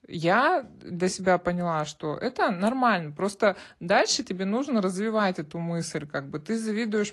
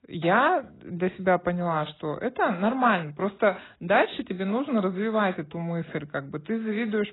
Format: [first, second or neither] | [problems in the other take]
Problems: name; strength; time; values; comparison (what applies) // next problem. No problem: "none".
first | garbled, watery; badly; nothing above 4 kHz; slightly in the first